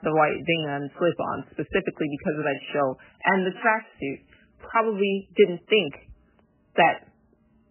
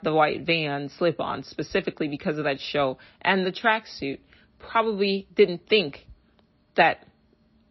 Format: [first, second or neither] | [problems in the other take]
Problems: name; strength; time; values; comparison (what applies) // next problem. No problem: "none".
second | garbled, watery; badly; nothing above 3 kHz; slightly in the second